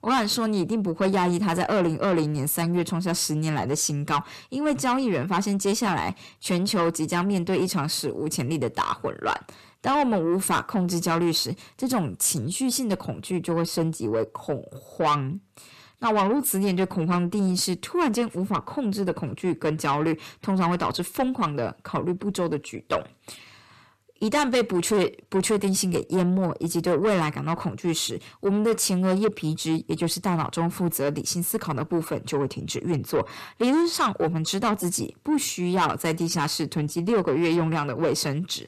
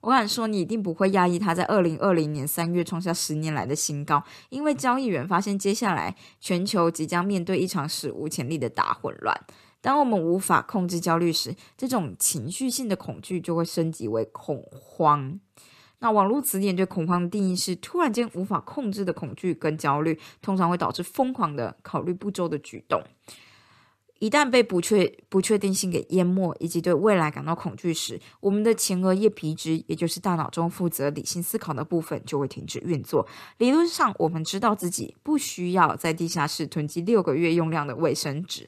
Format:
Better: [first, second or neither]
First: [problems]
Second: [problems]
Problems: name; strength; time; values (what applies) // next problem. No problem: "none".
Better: second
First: distortion; slight; 10 dB below the speech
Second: none